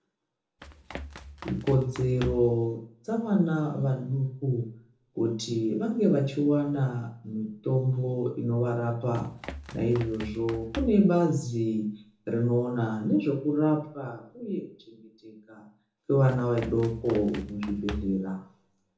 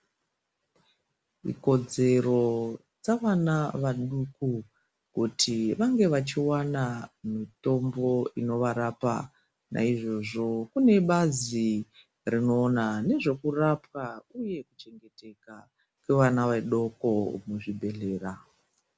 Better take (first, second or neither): second